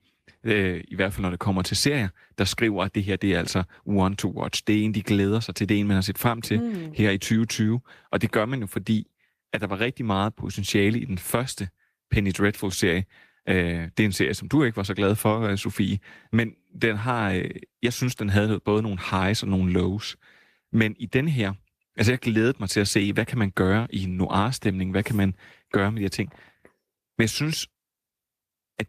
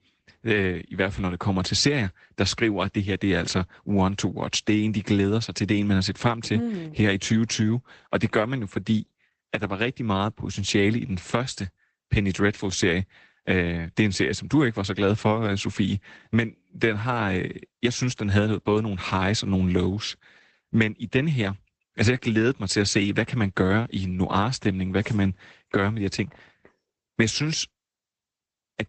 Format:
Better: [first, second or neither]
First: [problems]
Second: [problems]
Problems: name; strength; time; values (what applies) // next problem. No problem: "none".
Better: first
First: garbled, watery; slightly; nothing above 14.5 kHz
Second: garbled, watery; badly; nothing above 8 kHz